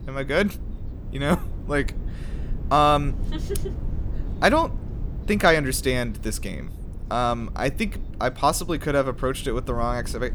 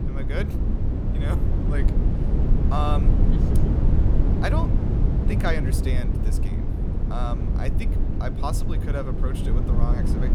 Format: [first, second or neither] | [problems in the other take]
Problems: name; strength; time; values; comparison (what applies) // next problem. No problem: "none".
first | low rumble; loud; throughout; 2 dB below the speech; faint in the first